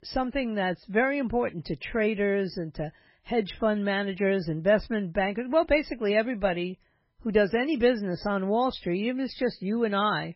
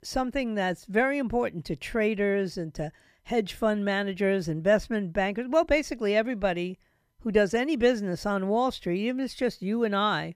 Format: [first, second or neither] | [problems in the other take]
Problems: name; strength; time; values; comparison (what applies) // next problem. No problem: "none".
second | garbled, watery; badly; nothing above 5.5 kHz